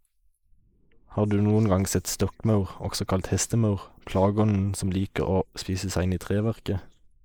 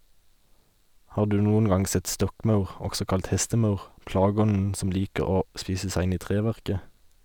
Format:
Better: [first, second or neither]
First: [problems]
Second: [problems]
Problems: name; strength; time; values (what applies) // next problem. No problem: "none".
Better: second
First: noise reduction (neural mask model Resemble Enhance denoiser)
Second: none